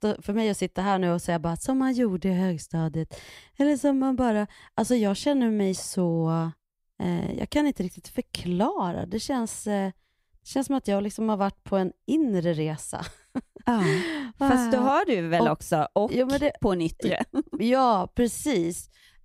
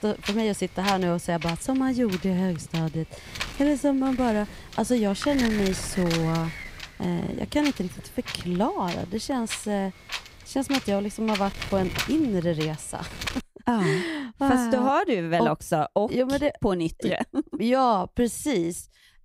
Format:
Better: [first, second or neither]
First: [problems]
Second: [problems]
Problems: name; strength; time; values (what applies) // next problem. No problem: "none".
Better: first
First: none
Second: wind noise on the microphone; heavy; until 13 s; 7 dB below the speech